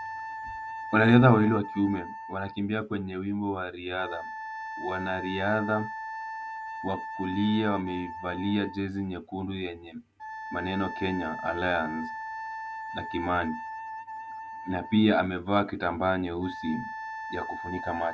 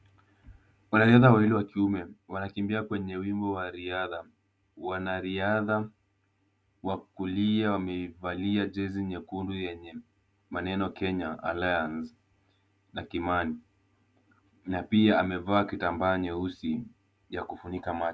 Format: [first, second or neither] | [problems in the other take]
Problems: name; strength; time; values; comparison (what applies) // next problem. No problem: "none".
second | background sound (Wind instrument, woodwind instrument); 10 dB below the speech